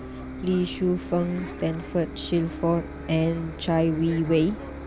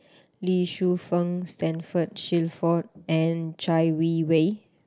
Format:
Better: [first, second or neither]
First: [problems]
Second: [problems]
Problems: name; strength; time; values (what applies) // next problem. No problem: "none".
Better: second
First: background sound (Bus); 11 dB below the speech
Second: none